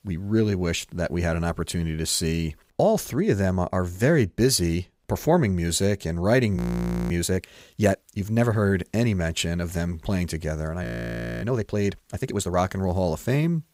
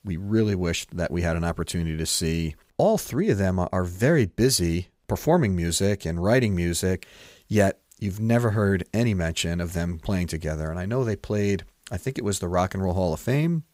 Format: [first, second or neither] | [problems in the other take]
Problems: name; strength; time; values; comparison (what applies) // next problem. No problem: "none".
second | audio freezing; at 6.5 s for 0.5 s and at 11 s for 0.5 s